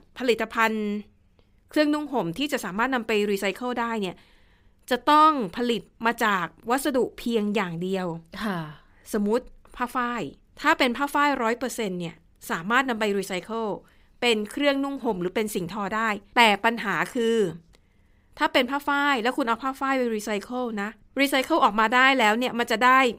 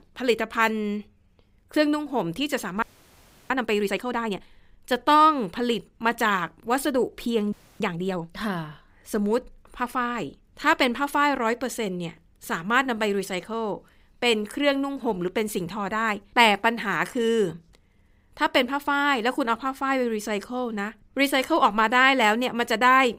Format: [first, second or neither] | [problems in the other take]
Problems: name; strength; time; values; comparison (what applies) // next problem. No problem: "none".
first | audio freezing; at 3 s for 0.5 s and at 7.5 s